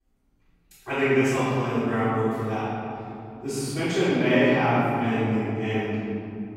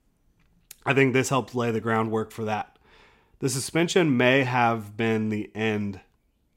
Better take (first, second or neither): second